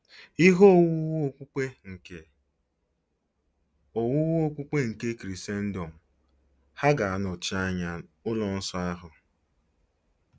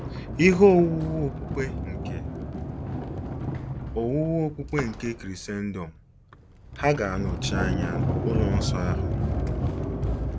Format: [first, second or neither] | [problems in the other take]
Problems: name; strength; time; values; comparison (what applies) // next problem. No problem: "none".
first | background sound (Sliding door); 2 dB below the speech